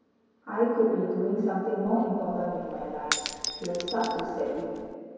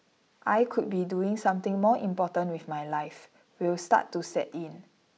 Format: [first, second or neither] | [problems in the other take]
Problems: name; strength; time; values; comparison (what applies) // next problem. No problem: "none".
second | background sound (Shatter / Crushing); 9 dB below the speech // room echo; dies away in 2.2 s